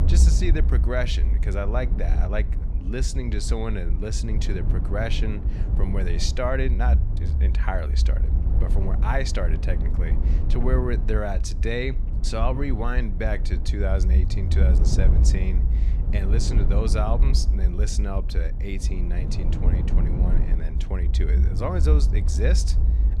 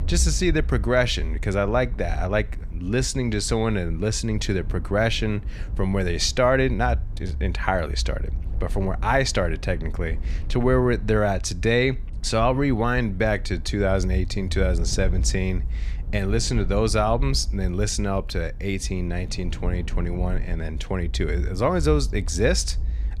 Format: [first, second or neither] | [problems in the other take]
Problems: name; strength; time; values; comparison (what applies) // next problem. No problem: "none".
second | low rumble; loud; throughout; 9 dB below the speech; faint in the second